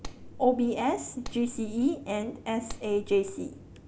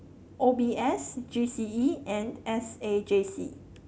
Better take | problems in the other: second | background sound (Clapping); 14 dB below the speech

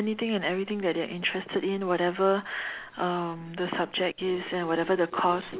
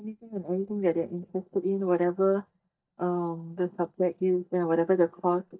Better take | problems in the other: first | noise reduction (neural mask model DeepFilterNet 3)

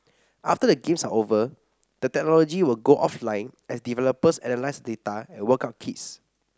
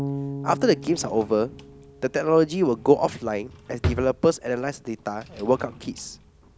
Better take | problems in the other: first | background sound (Drawer open or close + Bass guitar); 11 dB below the speech

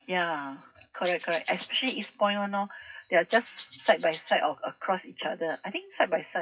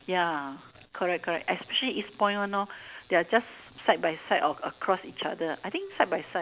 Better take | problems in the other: second | noise reduction (classical method WPE with log-MMSE)

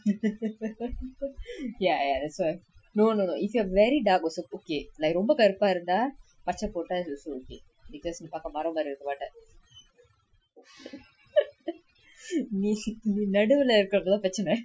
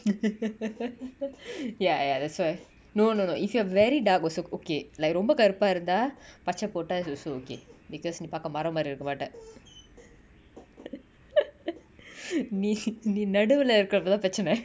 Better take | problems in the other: second | noise reduction (classical method Wiener filter)

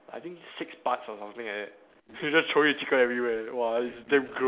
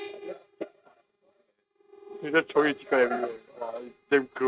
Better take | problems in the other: first | noise reduction (neural mask model RNNoise)

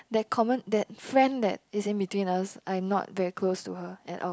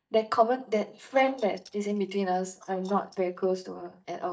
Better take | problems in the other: first | noise reduction (neural mask model DeepFilterNet 3)

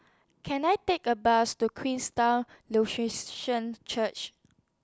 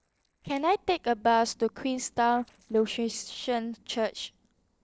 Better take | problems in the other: first | noise reduction (neural separator model SepFormer DNS4)

